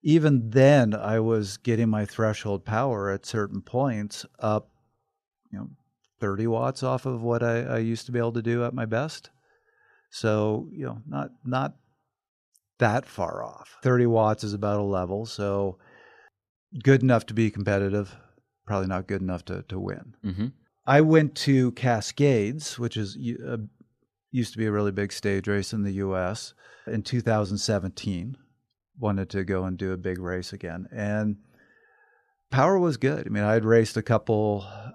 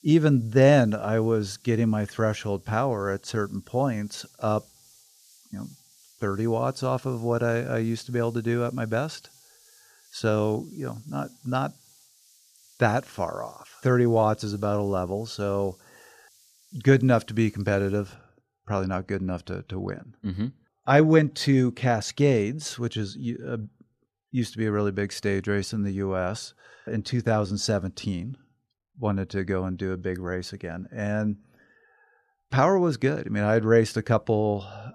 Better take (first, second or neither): first